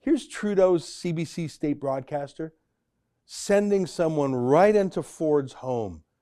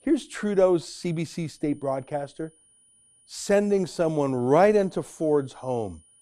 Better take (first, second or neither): first